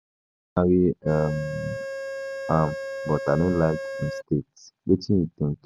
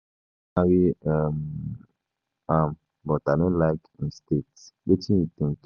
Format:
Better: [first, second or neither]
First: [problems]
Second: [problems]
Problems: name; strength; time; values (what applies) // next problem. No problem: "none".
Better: second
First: background sound (Organ); 7 dB below the speech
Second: none